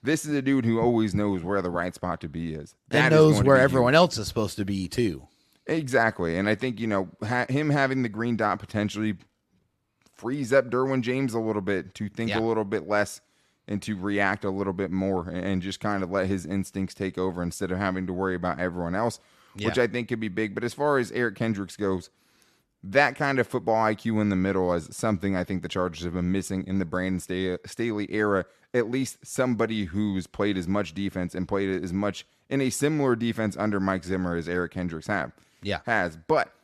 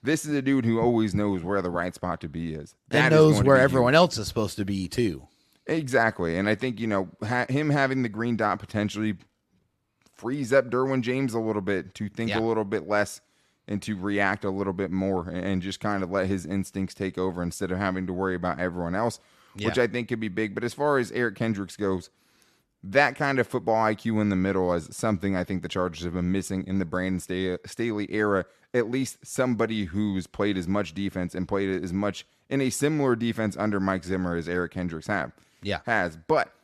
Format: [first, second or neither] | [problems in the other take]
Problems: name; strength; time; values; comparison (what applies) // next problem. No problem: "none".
neither | none